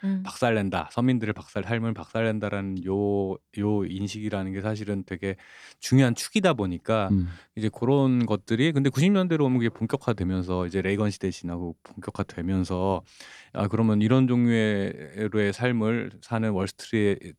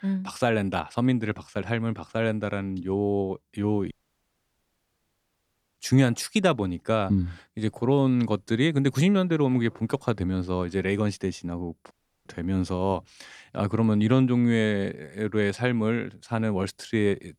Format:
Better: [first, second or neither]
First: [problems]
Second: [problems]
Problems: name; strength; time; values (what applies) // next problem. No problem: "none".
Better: first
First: none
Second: audio cutting out; at 4 s for 2 s and at 12 s